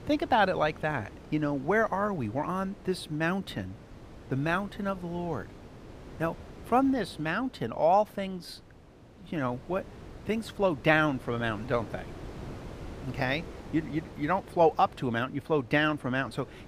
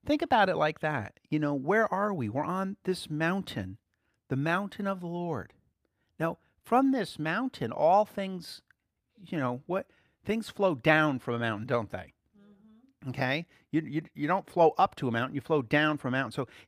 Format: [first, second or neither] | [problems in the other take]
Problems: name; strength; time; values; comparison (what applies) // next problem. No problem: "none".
second | wind noise on the microphone; occasional gusts; 20 dB below the speech